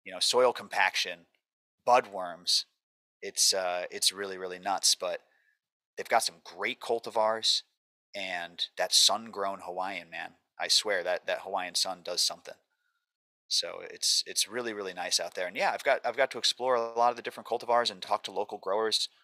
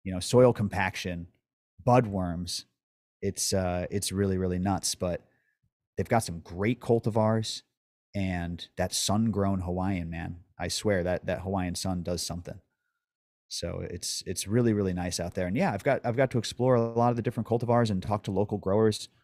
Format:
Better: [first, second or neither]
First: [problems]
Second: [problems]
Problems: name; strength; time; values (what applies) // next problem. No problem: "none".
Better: second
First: thin; very; fading below 800 Hz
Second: none